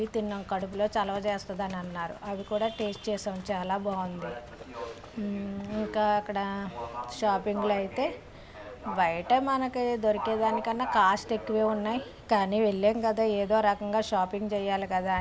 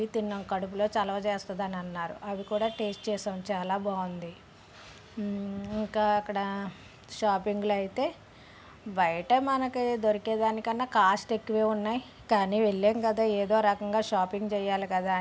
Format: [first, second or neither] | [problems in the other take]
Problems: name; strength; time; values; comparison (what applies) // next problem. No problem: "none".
second | background sound (Livestock, farm animals, working animals); 13 dB below the speech